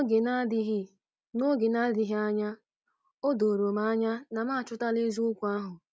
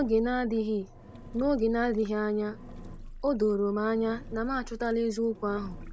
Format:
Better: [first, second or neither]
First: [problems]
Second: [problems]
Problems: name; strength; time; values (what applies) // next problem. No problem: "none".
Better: first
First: none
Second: background sound (Engine); 14 dB below the speech